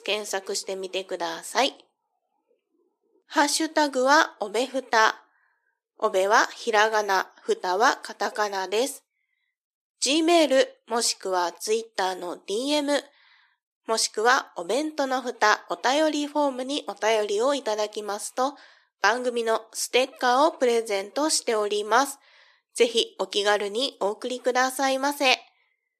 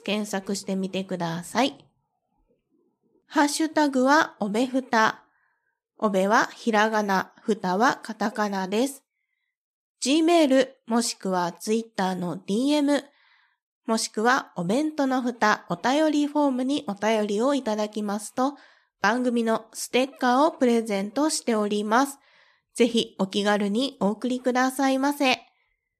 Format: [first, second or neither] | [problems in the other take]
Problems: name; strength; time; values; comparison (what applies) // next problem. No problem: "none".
second | thin; somewhat; fading below 350 Hz